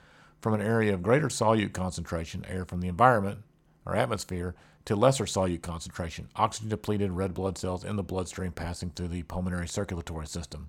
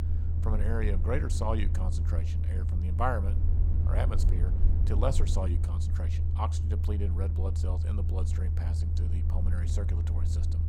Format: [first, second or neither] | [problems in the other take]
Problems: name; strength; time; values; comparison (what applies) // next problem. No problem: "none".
first | low rumble; loud; throughout; 7 dB below the speech